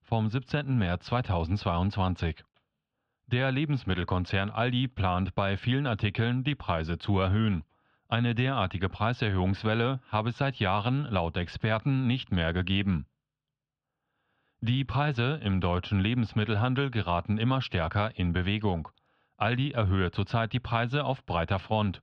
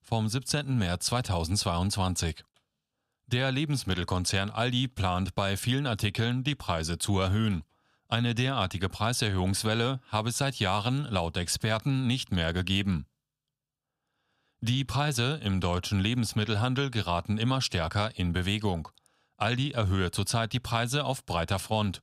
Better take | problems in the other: second | muffled; very; fading above 3 kHz

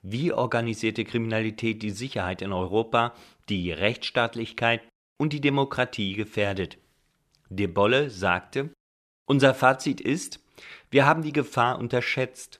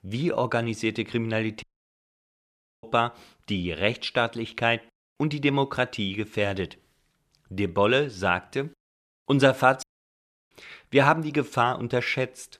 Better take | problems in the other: first | audio cutting out; at 1.5 s for 1 s and at 10 s for 0.5 s

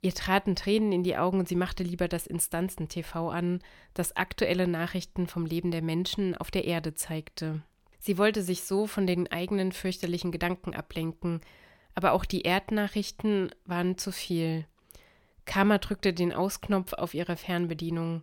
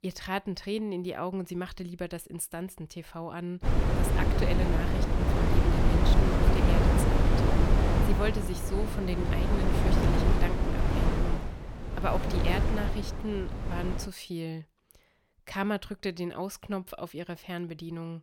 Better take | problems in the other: first | wind noise on the microphone; heavy; from 3.5 to 14 s; 3 dB above the speech

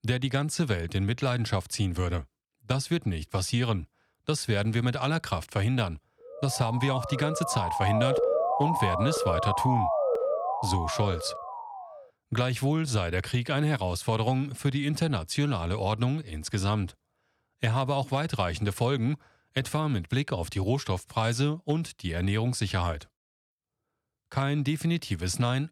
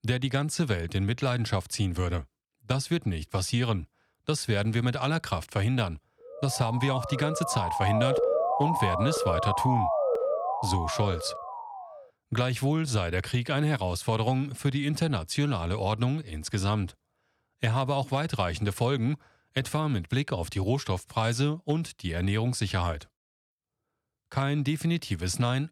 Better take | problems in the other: neither | siren; loud; from 6.5 to 12 s; peak 3 dB above the speech; the same in both

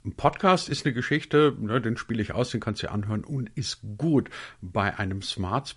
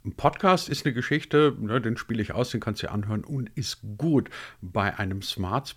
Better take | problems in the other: second | garbled, watery; slightly; nothing above 10 kHz

